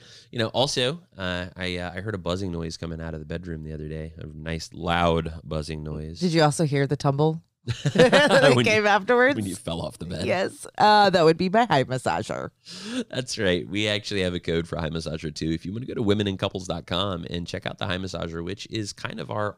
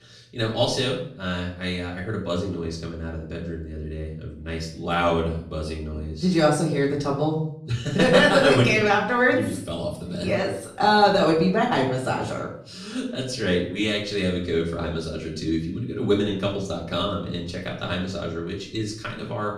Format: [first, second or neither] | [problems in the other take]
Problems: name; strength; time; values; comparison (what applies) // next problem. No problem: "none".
first | off-mic speech; far // room echo; slight; dies away in 0.5 s